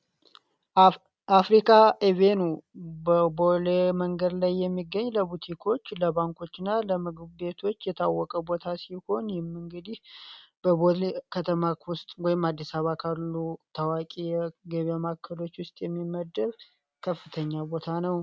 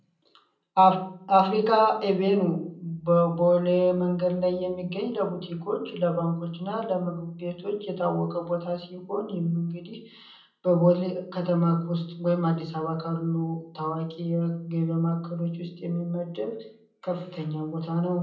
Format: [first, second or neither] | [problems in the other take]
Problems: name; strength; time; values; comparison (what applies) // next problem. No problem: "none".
first | room echo; dies away in 0.6 s